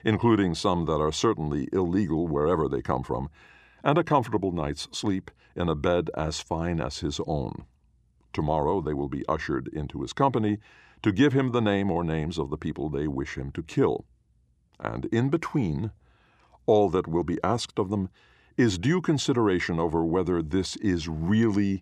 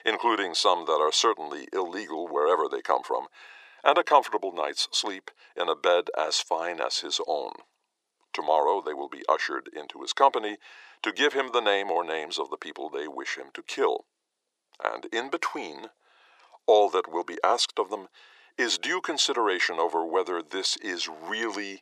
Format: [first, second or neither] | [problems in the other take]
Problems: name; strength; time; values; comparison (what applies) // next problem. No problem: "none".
first | thin; very; fading below 500 Hz